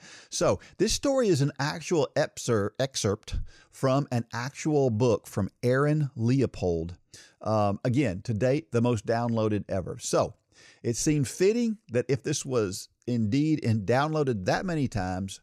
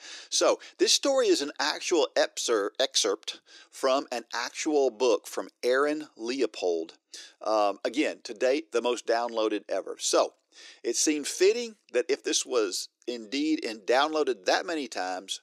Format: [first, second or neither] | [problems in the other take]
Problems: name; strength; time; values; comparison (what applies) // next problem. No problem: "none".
first | thin; somewhat; fading below 300 Hz